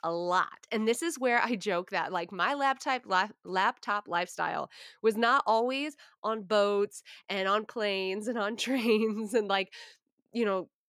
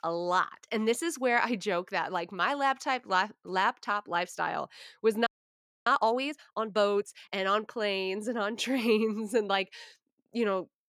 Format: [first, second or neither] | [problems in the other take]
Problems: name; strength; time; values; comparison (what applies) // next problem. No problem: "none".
first | audio freezing; at 5.5 s for 0.5 s